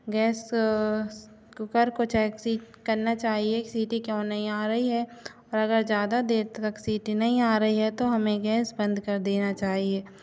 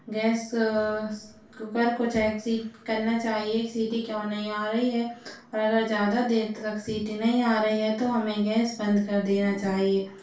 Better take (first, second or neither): first